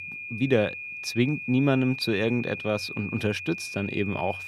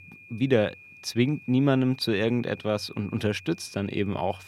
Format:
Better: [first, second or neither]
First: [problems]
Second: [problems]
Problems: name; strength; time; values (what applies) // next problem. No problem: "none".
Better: second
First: high-pitched whine; loud; throughout; 2.5 kHz, 8 dB below the speech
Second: high-pitched whine; faint; throughout; 2.5 kHz, 20 dB below the speech